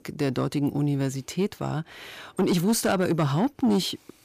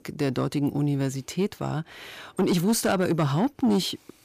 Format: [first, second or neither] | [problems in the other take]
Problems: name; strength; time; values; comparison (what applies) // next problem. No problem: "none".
neither | distortion; slight; 10 dB below the speech; the same in both